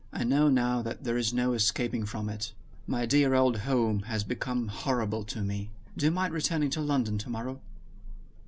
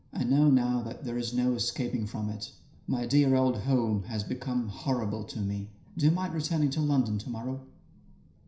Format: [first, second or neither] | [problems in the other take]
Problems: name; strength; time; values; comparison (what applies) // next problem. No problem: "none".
first | room echo; dies away in 0.5 s